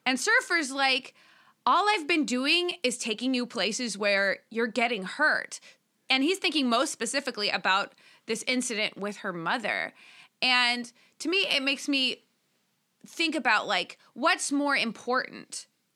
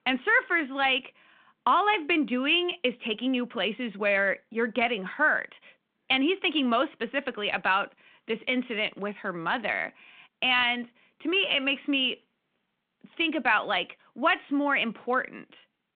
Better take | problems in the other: first | phone-call audio

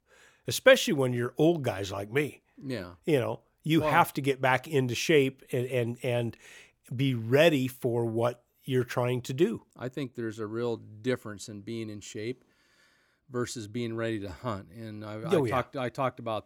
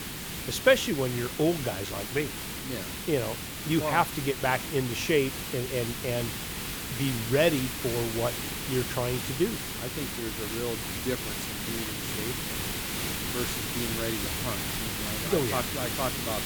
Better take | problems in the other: first | hiss; loud; throughout; 2 dB below the speech

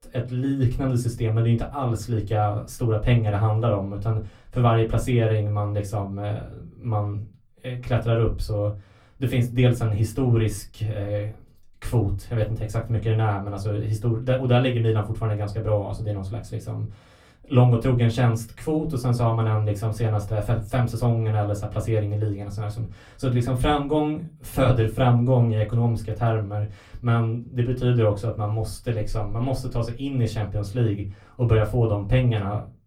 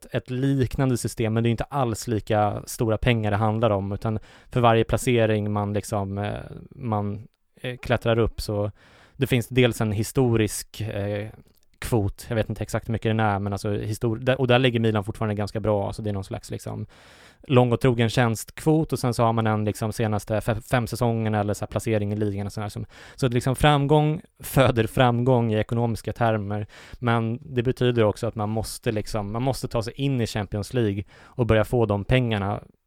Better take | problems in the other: second | off-mic speech; far // room echo; very slight; dies away in 0.3 s

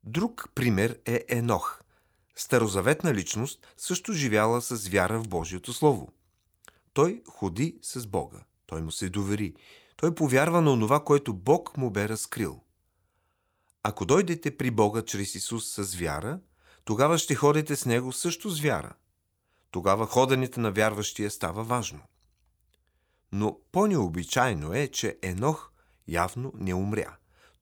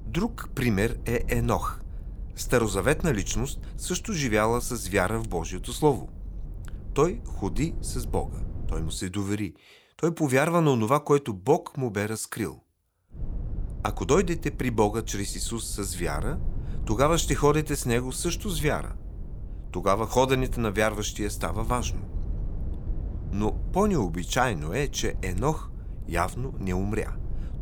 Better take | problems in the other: first | low rumble; faint; until 9 s and from 13 s on; 25 dB below the speech

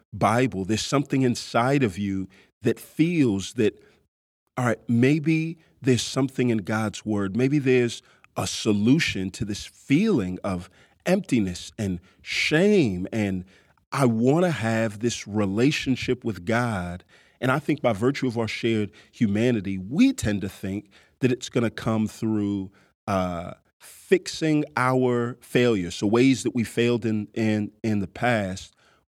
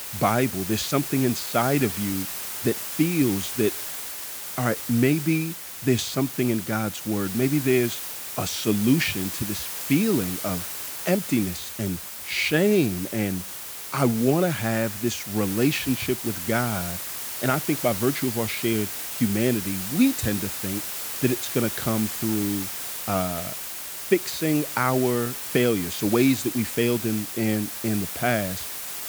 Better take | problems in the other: first | hiss; loud; throughout; 4 dB below the speech

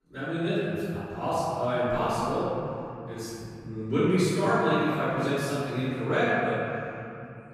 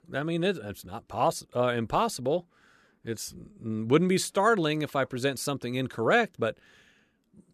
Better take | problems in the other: second | off-mic speech; far // room echo; strong; dies away in 3 s

